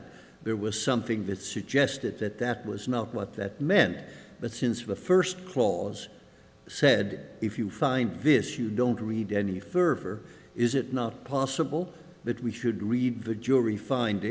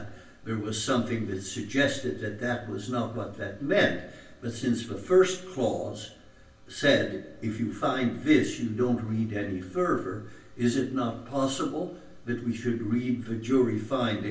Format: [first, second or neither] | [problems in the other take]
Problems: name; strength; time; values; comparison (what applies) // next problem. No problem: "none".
first | room echo; dies away in 0.3 s